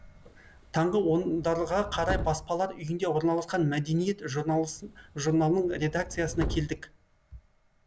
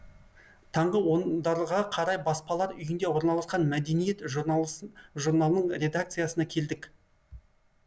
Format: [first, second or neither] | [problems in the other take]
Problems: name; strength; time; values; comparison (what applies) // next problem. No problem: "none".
second | background sound (Subway, metro, underground); 10 dB below the speech